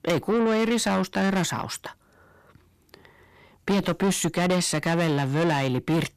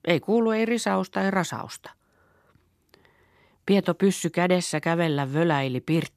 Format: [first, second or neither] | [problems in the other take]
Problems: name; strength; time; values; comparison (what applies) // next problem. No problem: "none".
second | distortion; heavy; 6 dB below the speech